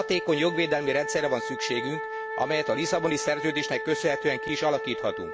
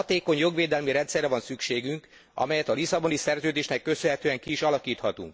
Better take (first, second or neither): second